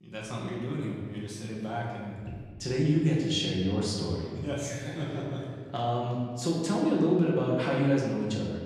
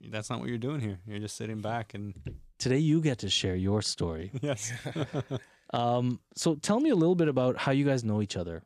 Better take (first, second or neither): second